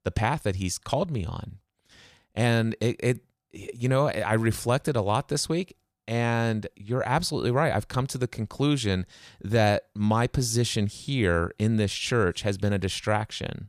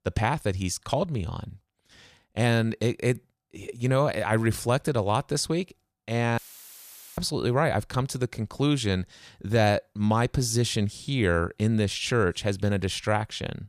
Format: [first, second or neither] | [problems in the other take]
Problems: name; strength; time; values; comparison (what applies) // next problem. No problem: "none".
first | audio cutting out; filled with static; at 6.5 s for 1 s